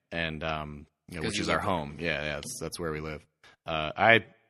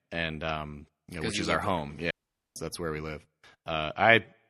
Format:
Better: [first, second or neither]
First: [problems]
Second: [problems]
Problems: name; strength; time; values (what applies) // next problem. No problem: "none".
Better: first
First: none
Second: audio cutting out; at 2 s